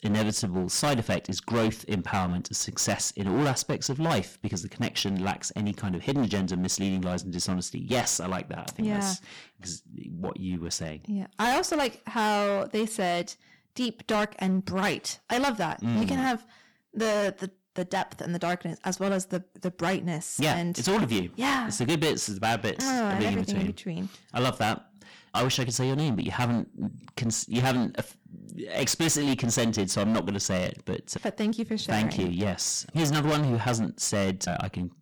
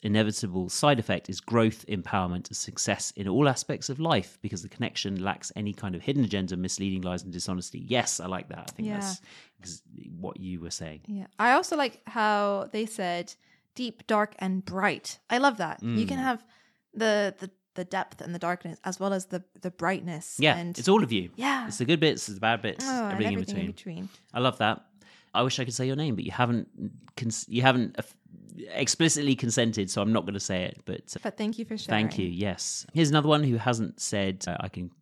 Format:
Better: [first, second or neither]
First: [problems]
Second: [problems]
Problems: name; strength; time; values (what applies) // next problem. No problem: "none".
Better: second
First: distortion; heavy; 13% of the sound clipped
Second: none